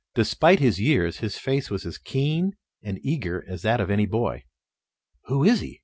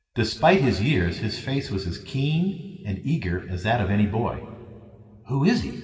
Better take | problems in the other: first | room echo; dies away in 2.5 s

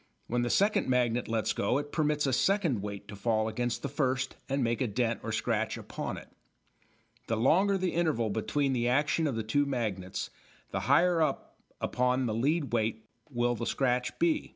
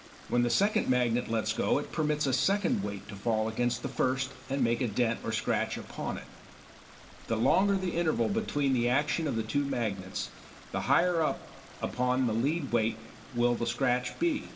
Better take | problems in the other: first | background sound (Stream); 20 dB below the speech // room echo; dies away in 2.1 s

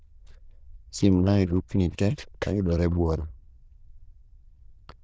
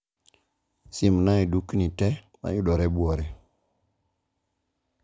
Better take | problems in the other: second | noise reduction (neural diffusion model UNIVERSE++)

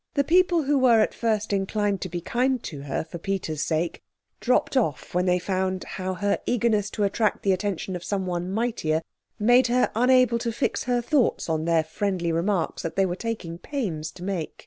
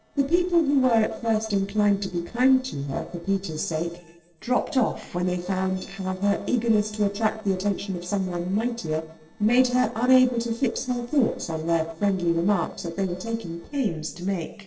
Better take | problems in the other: first | noise reduction (neural separator model SepFormer DNS4)

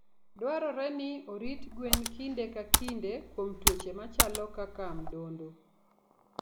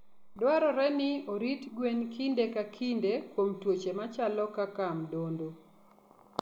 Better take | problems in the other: second | background sound (Computer keyboard); 5 dB above the speech

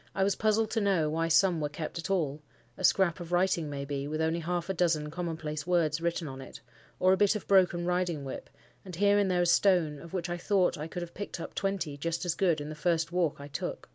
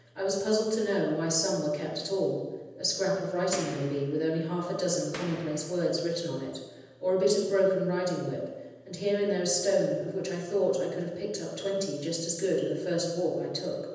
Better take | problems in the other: first | background sound (Boom); 14 dB below the speech // room echo; dies away in 1.1 s

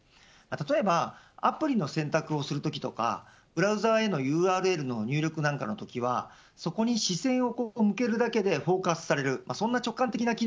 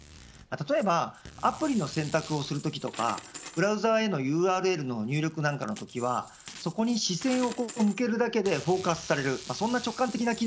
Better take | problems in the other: first | background sound (Coin (dropping) + Packing tape, duct tape); 17 dB below the speech

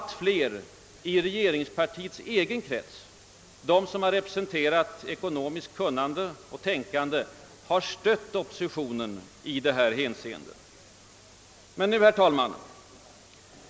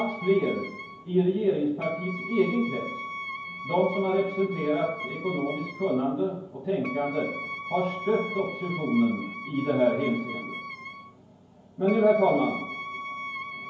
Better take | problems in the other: first | background sound (Wind instrument, woodwind instrument); 10 dB below the speech // room echo; dies away in 0.9 s

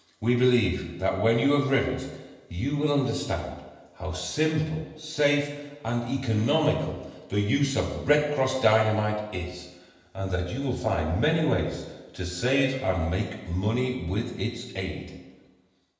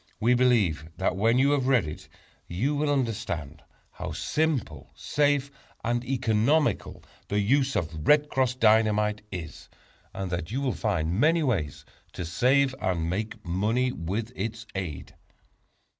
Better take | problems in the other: second | room echo; dies away in 1 s

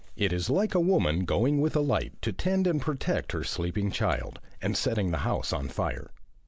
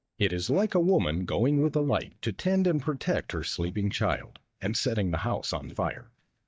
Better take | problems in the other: first | noise reduction (neural mask model DeepFilterNet 3)

